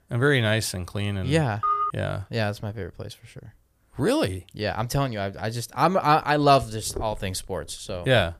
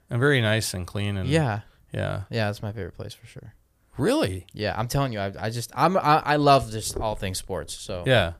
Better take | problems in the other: second | phone ringing; loud; at 1.5 s; peak level with the speech

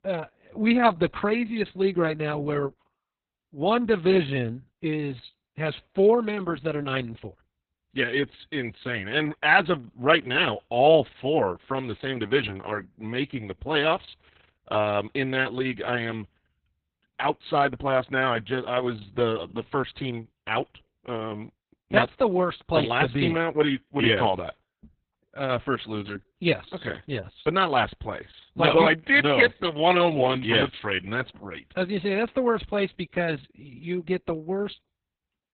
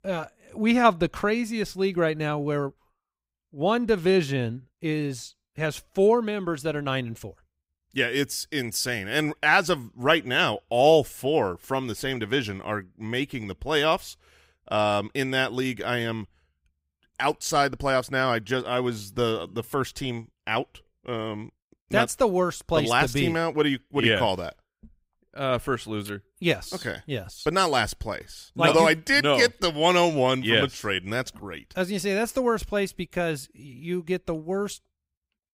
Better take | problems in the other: second | garbled, watery; badly; nothing above 4 kHz

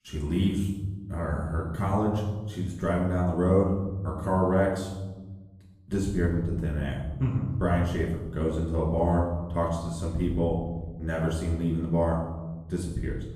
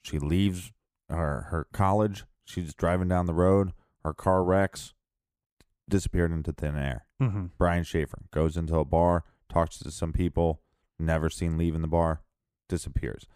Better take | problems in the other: second | off-mic speech; far // room echo; noticeable; dies away in 1.3 s

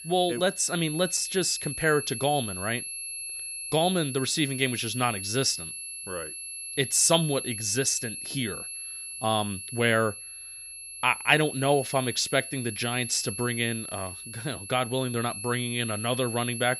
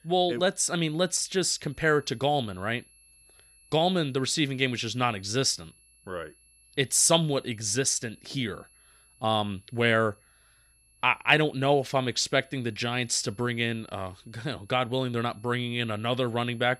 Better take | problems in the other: second | high-pitched whine; loud; throughout; 11 kHz, 8 dB below the speech; faint in the second

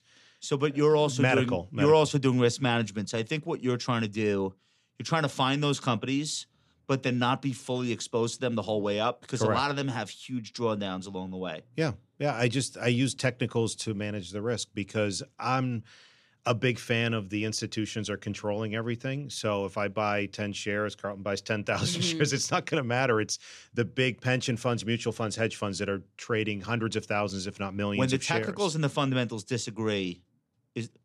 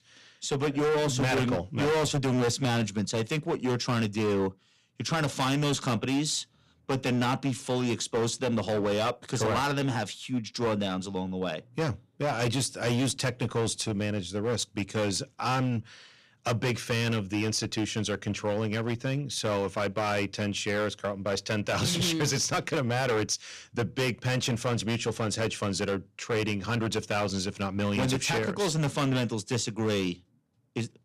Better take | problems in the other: first | distortion; heavy; 15% of the sound clipped

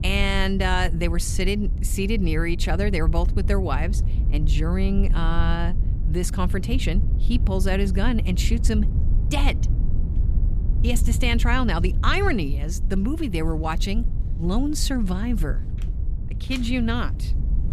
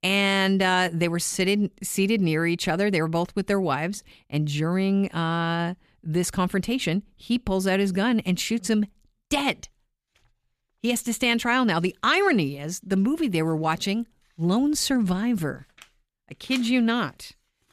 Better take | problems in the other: second | low rumble; noticeable; throughout; 15 dB below the speech

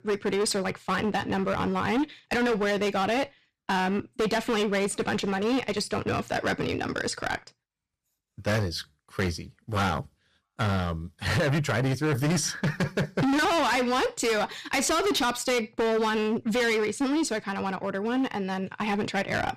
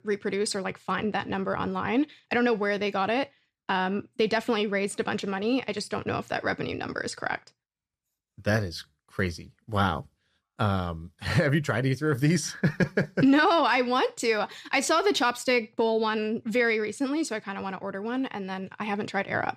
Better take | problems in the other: second | distortion; heavy; 18% of the sound clipped

